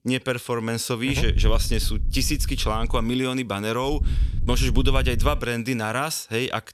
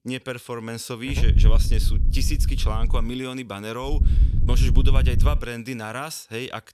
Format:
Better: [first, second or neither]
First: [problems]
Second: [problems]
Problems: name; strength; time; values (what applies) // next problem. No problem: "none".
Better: first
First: wind noise on the microphone; occasional gusts; from 1 to 3 s and from 4 to 5.5 s; 20 dB below the speech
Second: wind noise on the microphone; heavy; from 1 to 3 s and from 4 to 5.5 s; 9 dB below the speech